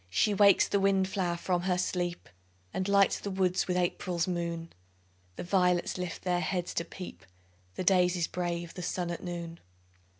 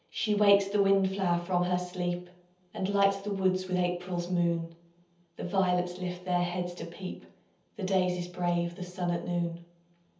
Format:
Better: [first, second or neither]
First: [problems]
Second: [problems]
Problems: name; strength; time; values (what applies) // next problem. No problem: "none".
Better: first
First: none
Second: room echo; dies away in 0.7 s